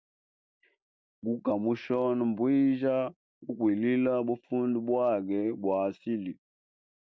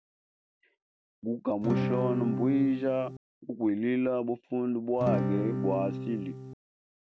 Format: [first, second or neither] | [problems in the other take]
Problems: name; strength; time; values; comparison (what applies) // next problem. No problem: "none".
first | background sound (Acoustic guitar / Strum); 1 dB below the speech